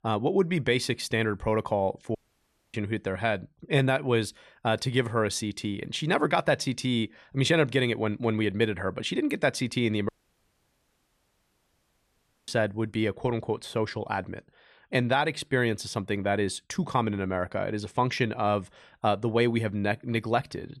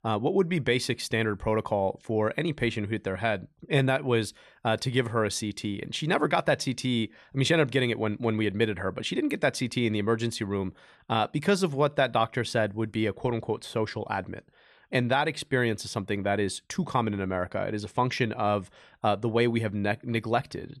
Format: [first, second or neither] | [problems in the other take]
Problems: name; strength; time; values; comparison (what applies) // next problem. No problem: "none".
second | audio cutting out; at 2 s for 0.5 s and at 10 s for 2.5 s